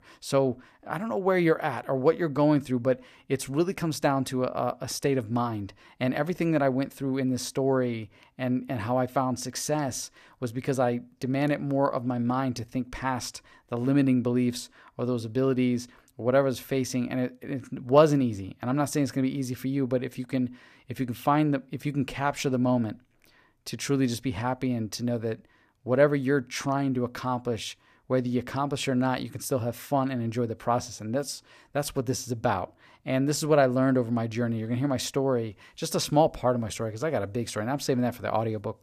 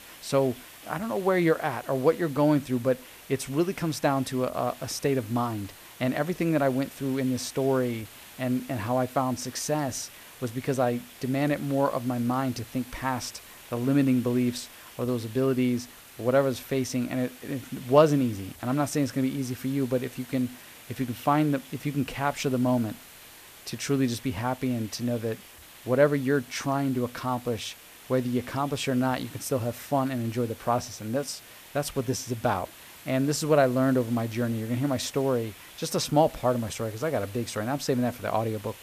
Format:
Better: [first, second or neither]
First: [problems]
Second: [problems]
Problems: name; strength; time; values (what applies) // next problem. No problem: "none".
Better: first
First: none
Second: hiss; noticeable; throughout; 20 dB below the speech